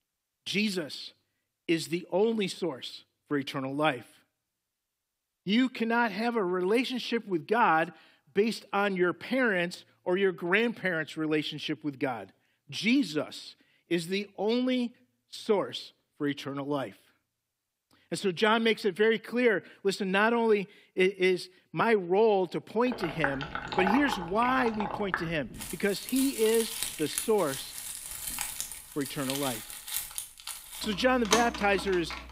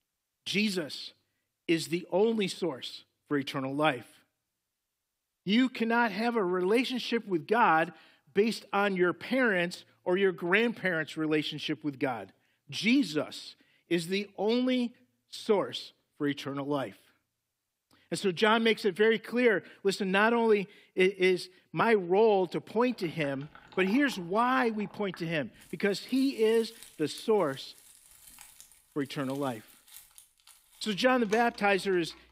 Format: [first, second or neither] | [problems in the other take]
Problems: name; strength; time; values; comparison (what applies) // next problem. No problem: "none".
second | household noises; loud; from 23 s on; 6 dB below the speech; faint in the second